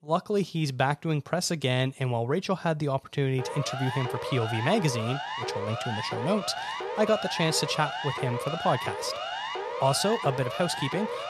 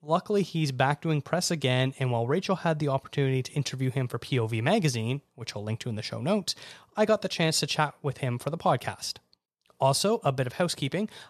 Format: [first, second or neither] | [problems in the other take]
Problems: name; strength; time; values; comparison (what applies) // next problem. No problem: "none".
second | siren; noticeable; from 3.5 s on; peak 4 dB below the speech